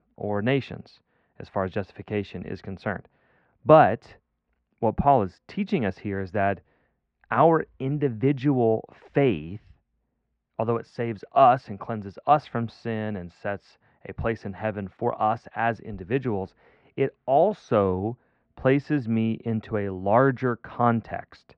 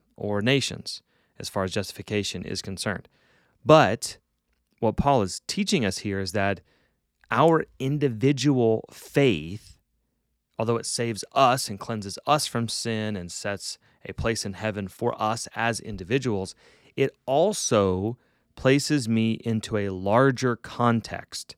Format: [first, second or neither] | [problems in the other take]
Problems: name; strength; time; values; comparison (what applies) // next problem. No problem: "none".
second | muffled; very; fading above 2 kHz